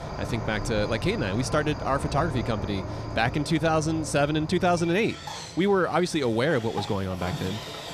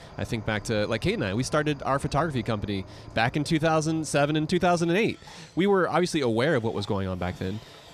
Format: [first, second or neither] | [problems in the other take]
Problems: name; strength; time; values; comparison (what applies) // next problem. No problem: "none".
second | animal sounds; loud; throughout; 10 dB below the speech; faint in the second